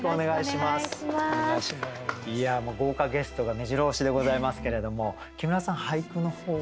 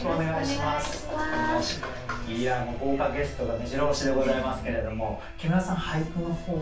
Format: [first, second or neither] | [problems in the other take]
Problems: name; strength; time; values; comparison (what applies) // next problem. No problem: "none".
first | background sound (Subway, metro, underground / Wind); 13 dB below the speech // room echo; dies away in 0.3 s